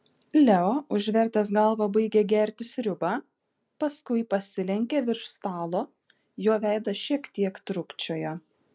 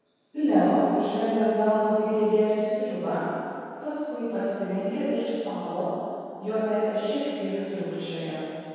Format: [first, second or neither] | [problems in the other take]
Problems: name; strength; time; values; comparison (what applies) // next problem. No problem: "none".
first | room echo; dies away in 2.2 s